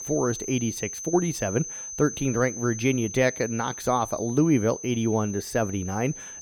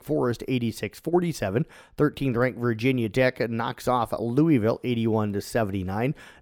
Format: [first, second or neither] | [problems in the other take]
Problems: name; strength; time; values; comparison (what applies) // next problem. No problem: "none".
second | high-pitched whine; loud; throughout; 6 kHz, 9 dB below the speech